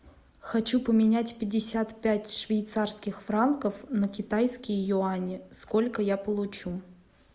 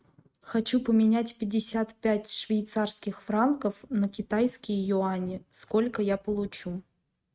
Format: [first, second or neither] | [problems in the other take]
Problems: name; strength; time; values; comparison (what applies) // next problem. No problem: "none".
first | noise reduction (neural mask model RNNoise)